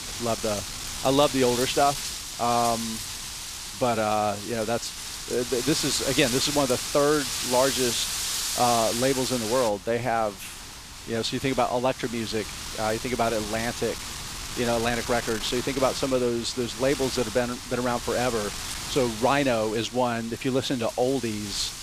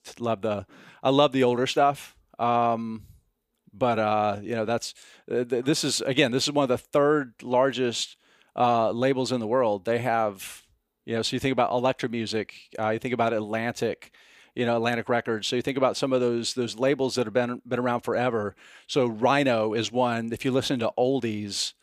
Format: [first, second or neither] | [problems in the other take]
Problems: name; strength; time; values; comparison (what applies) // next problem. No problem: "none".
second | wind noise on the microphone; heavy; 6 dB below the speech